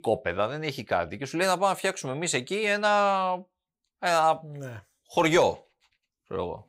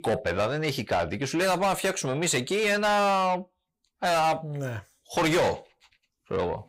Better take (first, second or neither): first